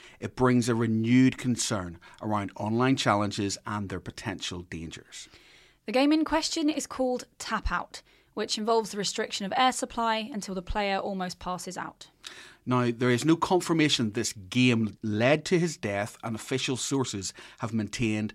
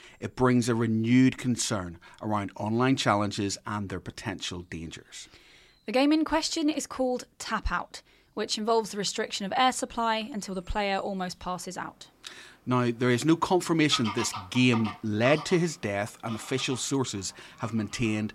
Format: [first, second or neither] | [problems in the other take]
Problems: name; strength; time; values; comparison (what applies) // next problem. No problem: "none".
first | animal sounds; noticeable; throughout; 15 dB below the speech